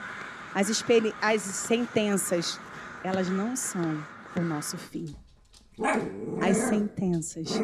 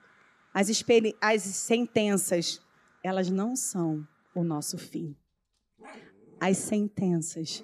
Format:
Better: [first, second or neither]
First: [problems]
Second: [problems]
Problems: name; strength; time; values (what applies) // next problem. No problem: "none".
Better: second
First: animal sounds; loud; throughout; 7 dB below the speech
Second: animal sounds; faint; throughout; 30 dB below the speech